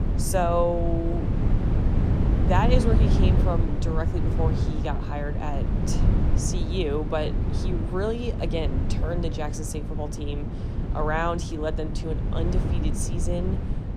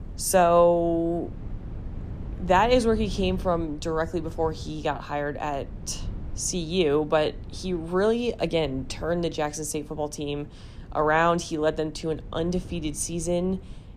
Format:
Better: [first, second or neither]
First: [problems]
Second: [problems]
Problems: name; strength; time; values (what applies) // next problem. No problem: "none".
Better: second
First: wind noise on the microphone; heavy; 6 dB below the speech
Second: wind noise on the microphone; occasional gusts; 25 dB below the speech